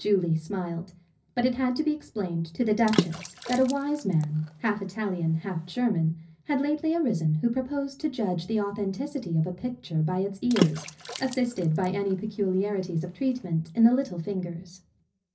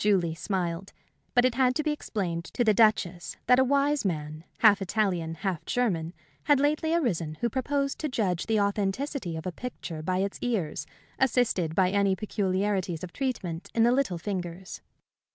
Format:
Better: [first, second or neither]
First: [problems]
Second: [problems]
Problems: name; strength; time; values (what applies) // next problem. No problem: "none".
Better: second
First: background sound (Water / Splash, splatter); 7 dB below the speech // room echo; dies away in 0.4 s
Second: none